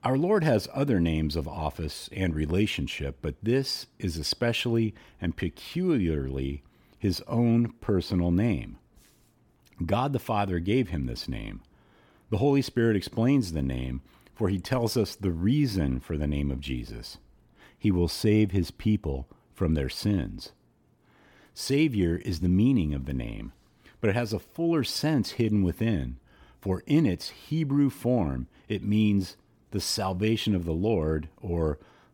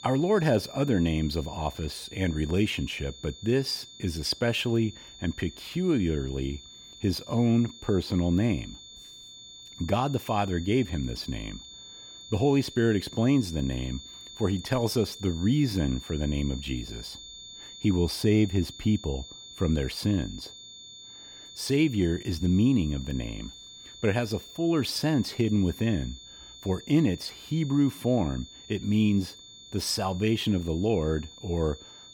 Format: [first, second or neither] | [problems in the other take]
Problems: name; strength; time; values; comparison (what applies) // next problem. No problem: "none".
first | high-pitched whine; noticeable; throughout; 3.5 kHz, 15 dB below the speech